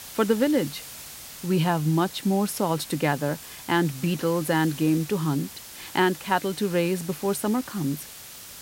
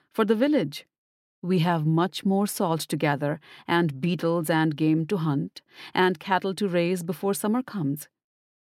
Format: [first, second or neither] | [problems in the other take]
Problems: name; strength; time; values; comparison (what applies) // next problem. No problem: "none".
second | hiss; noticeable; throughout; 15 dB below the speech